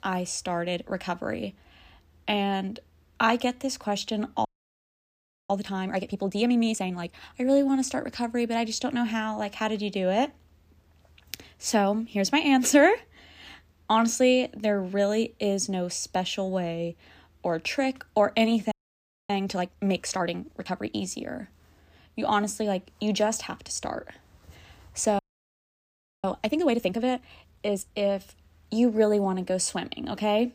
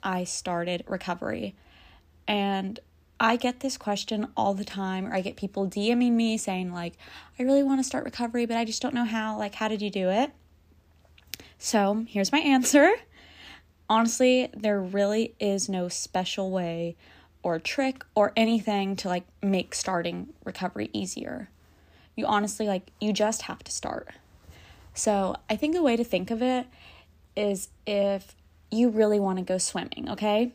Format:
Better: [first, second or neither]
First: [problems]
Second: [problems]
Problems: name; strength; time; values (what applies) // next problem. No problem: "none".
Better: second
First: audio freezing; at 4.5 s for 1 s, at 19 s for 0.5 s and at 25 s for 1 s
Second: none